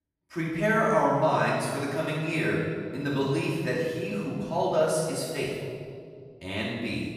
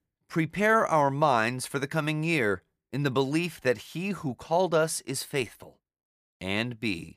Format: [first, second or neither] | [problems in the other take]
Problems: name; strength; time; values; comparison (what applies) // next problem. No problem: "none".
second | off-mic speech; far // room echo; strong; dies away in 1.8 s